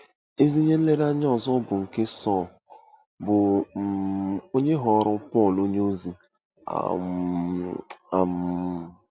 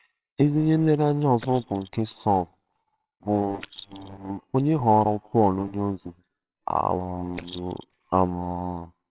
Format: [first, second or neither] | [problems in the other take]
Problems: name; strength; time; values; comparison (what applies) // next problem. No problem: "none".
first | noise reduction (neural separator model SepFormer WHAMR!)